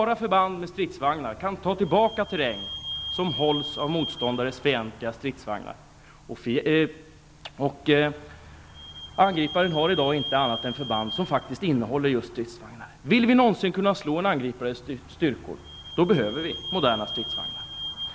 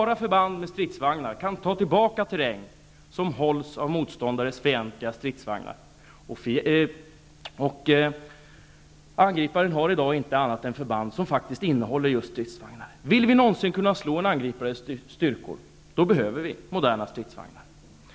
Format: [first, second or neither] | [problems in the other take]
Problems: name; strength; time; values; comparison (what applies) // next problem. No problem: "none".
second | background sound (Squeak / Vehicle); 12 dB below the speech